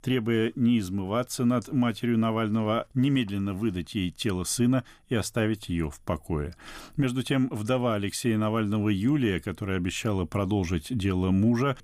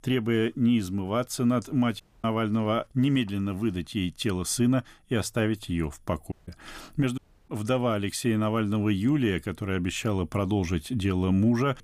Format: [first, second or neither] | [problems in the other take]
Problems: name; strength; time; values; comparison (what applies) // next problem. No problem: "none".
first | audio cutting out; at 2 s, at 6.5 s and at 7 s